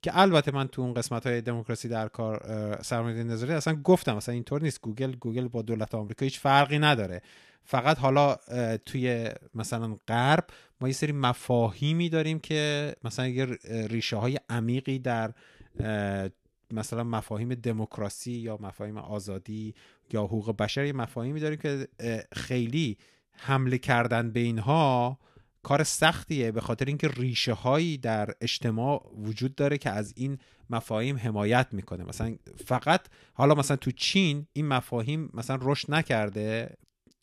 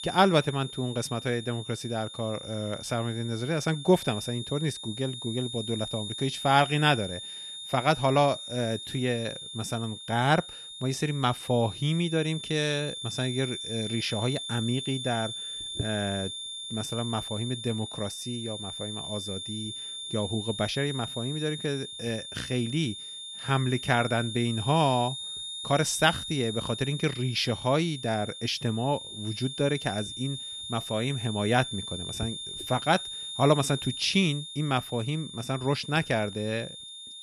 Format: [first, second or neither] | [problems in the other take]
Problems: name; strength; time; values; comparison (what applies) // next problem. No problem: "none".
first | high-pitched whine; loud; throughout; 3.5 kHz, 7 dB below the speech